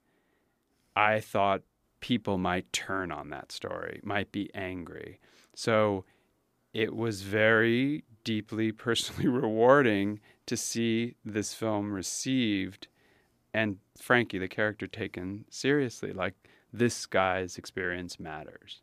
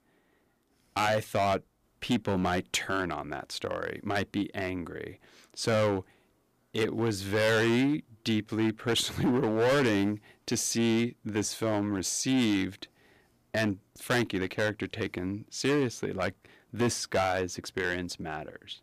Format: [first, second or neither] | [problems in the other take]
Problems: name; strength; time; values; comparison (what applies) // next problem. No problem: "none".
first | distortion; heavy; 8% of the sound clipped